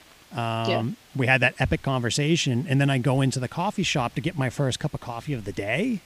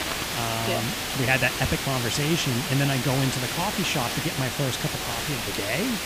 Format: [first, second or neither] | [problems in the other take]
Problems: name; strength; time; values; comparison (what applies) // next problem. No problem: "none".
first | hiss; loud; throughout; 1 dB below the speech; faint in the first